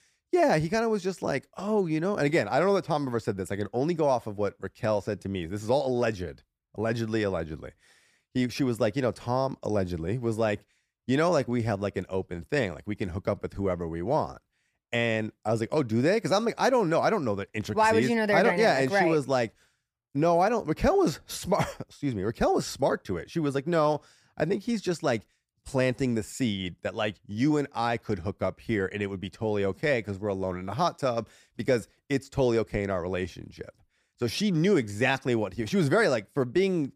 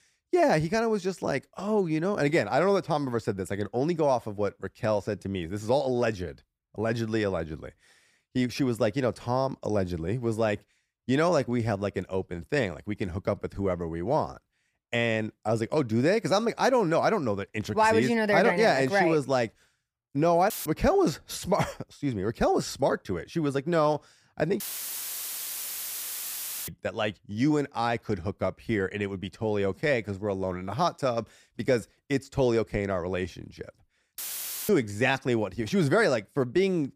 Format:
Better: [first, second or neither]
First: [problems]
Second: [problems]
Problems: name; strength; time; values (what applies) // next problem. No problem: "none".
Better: first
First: none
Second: audio cutting out; filled with static; at 21 s, at 25 s for 2 s and at 34 s for 0.5 s